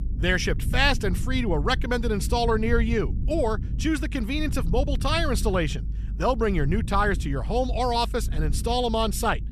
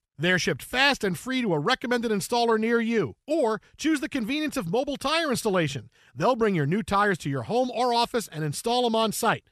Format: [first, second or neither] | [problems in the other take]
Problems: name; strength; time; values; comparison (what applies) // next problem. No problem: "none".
second | low rumble; noticeable; throughout; 20 dB below the speech